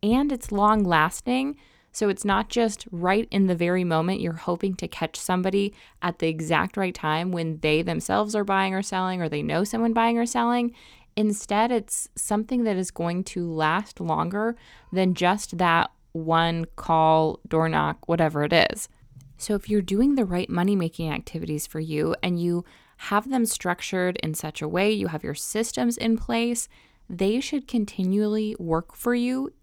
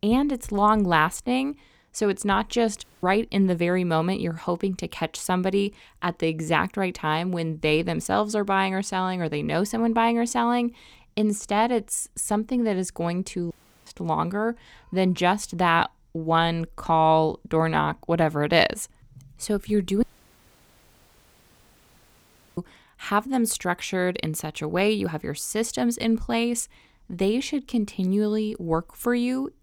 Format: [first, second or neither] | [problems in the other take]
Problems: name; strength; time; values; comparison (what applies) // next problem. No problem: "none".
first | audio cutting out; at 3 s, at 14 s and at 20 s for 2.5 s